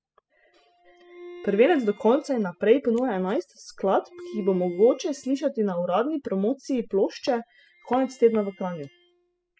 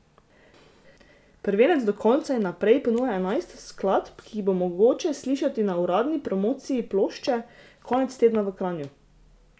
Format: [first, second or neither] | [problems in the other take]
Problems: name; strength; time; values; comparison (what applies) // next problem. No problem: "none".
second | noise reduction (classical method spectral subtraction)